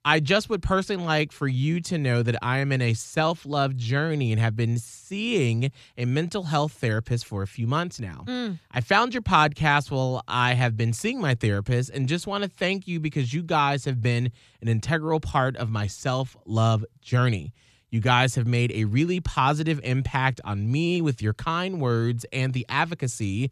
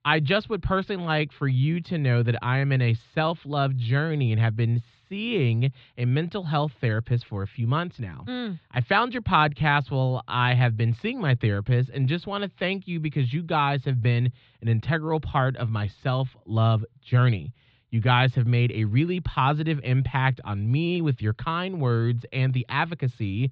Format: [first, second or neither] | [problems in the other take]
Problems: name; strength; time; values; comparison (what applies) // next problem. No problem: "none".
first | muffled; slightly; fading above 4 kHz